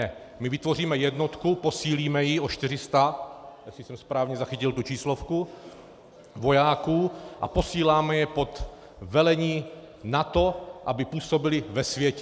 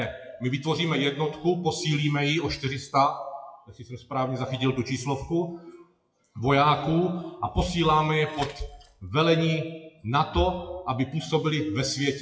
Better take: first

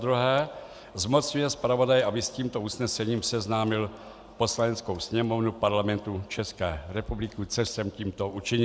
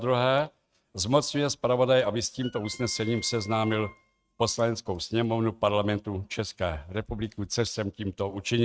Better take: first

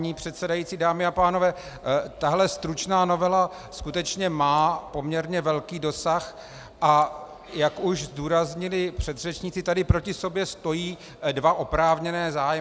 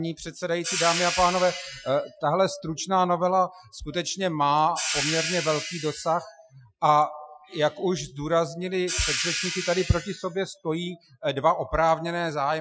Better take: first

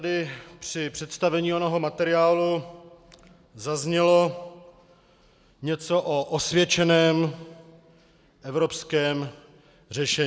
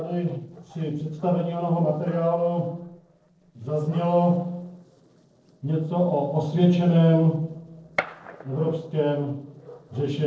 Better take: first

